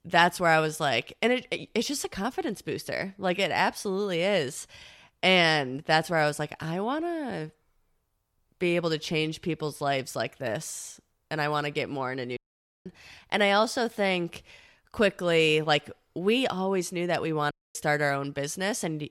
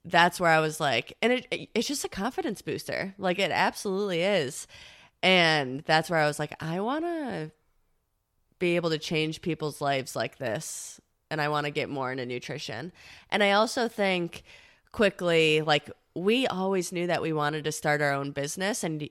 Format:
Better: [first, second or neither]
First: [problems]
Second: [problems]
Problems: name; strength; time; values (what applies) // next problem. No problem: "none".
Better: second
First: audio cutting out; at 12 s and at 18 s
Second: none